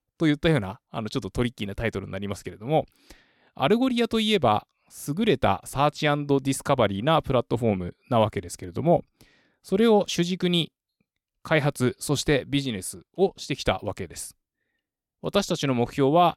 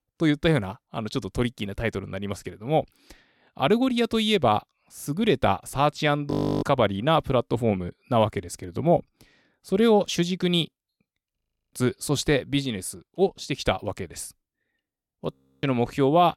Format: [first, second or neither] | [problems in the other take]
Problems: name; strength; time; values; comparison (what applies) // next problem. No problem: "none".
first | audio freezing; at 6.5 s, at 11 s and at 15 s